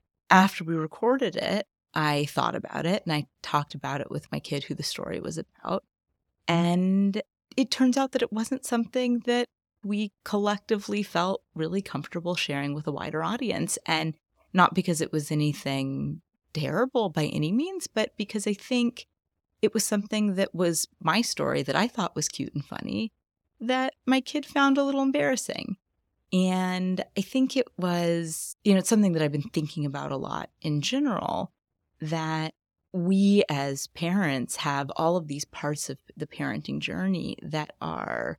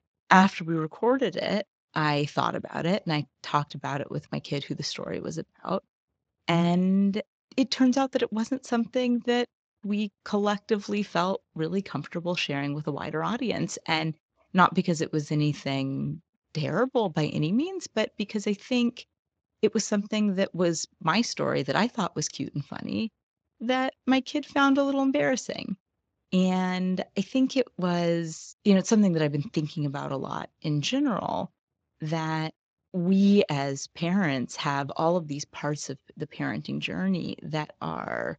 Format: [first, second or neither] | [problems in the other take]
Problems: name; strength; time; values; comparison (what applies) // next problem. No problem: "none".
first | garbled, watery; slightly; nothing above 7.5 kHz